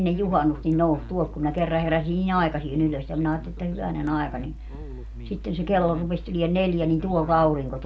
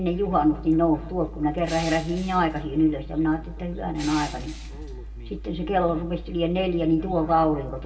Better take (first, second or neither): first